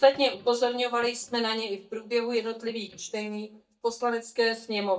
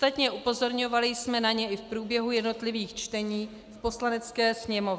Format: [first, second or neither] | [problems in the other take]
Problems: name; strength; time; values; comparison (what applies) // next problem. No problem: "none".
second | noise reduction (neural mask model DeepFilterNet 3)